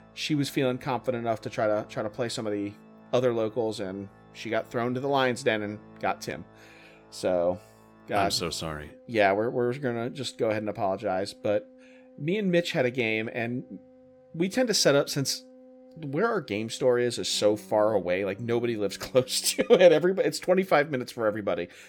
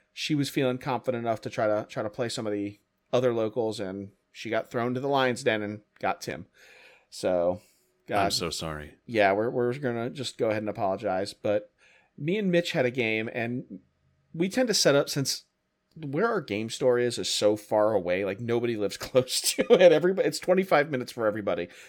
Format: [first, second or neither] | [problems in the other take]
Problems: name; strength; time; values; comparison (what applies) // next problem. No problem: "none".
second | background music; faint; throughout; 25 dB below the speech